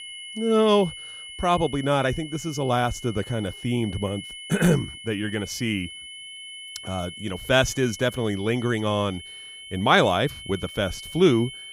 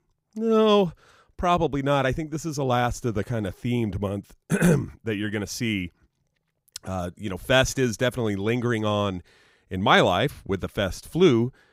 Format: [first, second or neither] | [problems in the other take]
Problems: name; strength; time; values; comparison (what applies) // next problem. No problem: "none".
second | high-pitched whine; noticeable; throughout; 3 kHz, 15 dB below the speech